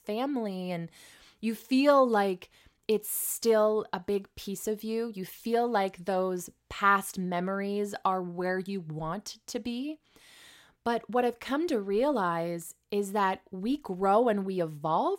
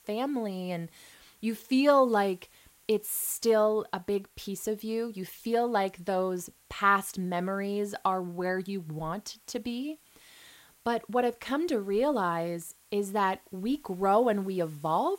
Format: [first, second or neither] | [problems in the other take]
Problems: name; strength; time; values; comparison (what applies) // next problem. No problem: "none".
first | hiss; faint; throughout; 30 dB below the speech